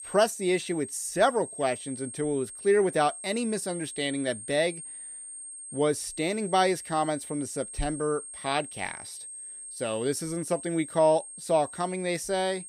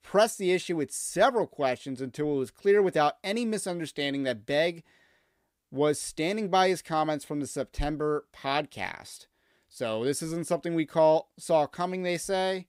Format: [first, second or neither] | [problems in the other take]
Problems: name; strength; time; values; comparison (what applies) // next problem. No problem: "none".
second | high-pitched whine; noticeable; throughout; 8.5 kHz, 10 dB below the speech